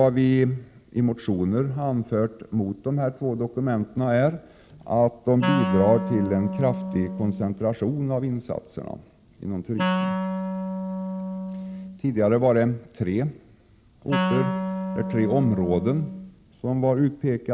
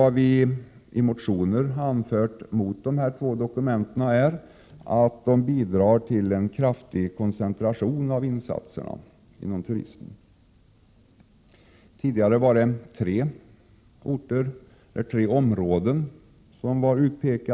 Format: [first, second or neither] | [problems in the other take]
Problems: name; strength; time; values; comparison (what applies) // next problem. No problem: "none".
second | background sound (Wind instrument, woodwind instrument); 4 dB below the speech